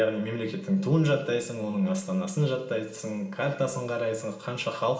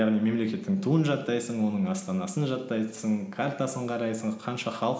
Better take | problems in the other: second | room echo; dies away in 0.2 s

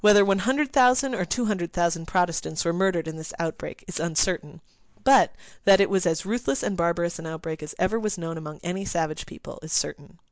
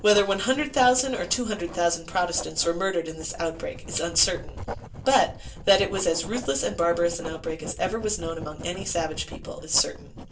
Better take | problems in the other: first | background sound (Writing); 13 dB below the speech // room echo; dies away in 0.2 s

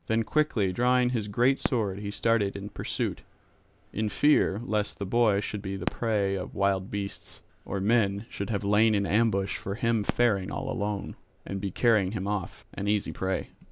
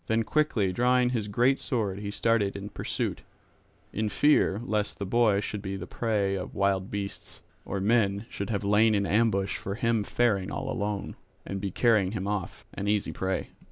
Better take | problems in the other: second | background sound (Fireworks); 17 dB below the speech

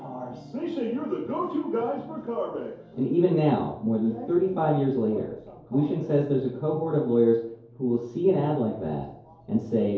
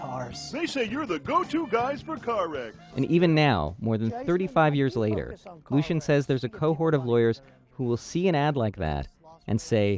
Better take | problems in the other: second | room echo; dies away in 2.4 s

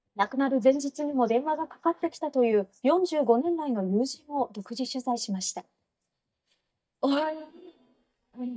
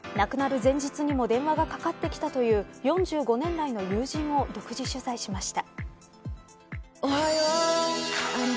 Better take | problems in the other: second | noise reduction (neural mask model DeepFilterNet 3)

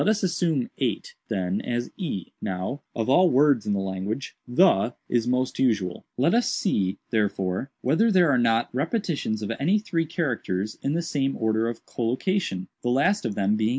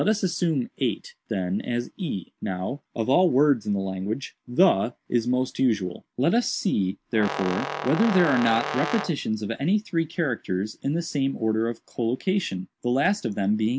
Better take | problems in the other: first | background sound (Brass instrument); 6 dB below the speech

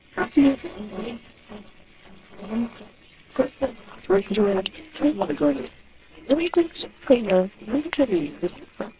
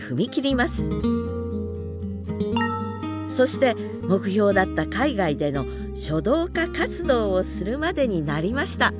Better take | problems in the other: second | noise reduction (neural separator model SepFormer WHAMR!)

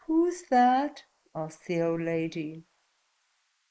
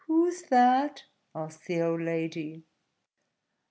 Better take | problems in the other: second | noise reduction (neural mask model Resemble Enhance denoiser)

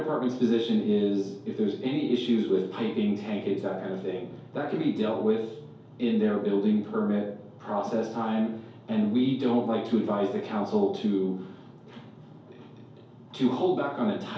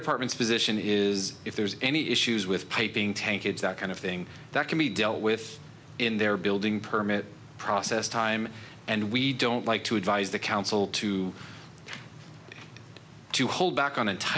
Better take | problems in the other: second | room echo; dies away in 2.4 s

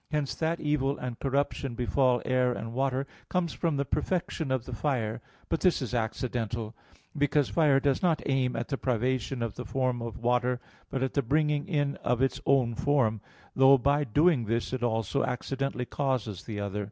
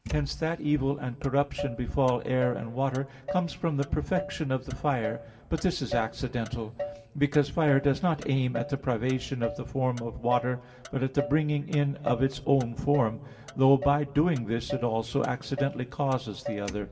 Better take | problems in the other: first | background sound (Motor vehicle (road)); 12 dB below the speech // room echo; dies away in 0.3 s

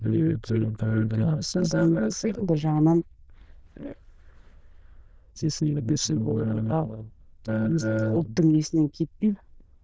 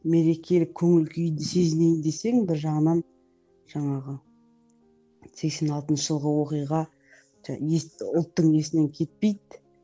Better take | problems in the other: second | noise reduction (neural diffusion model UNIVERSE++)

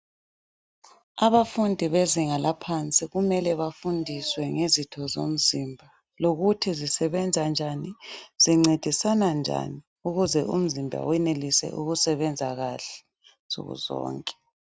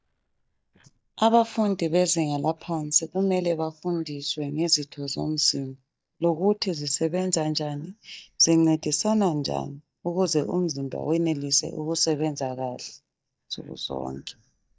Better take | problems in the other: first | noise reduction (neural mask model DeepFilterNet 3)

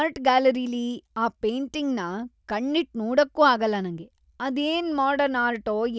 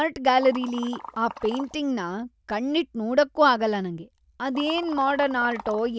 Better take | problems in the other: first | background sound (Liquid); 14 dB below the speech

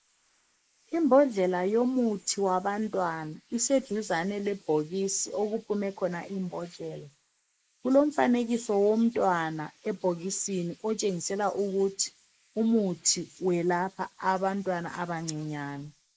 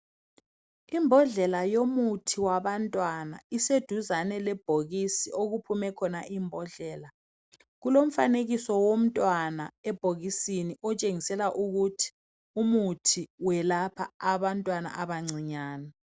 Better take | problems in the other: second | noise reduction (neural mask model Resemble Enhance denoiser)

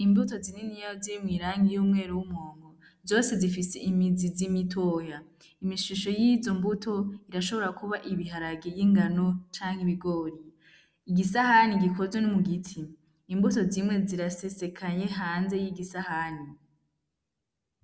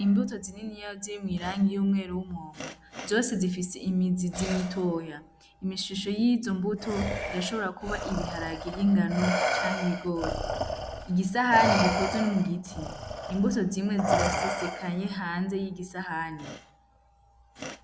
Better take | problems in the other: first | background sound (Respiratory sounds); 5 dB below the speech

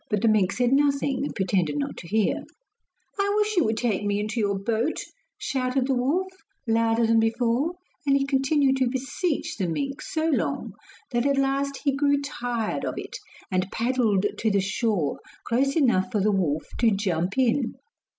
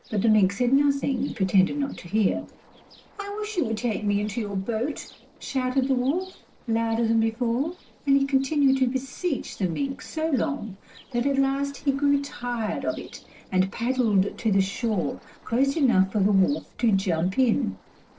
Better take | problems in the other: first | noise reduction (neural separator model SepFormer DNS4)

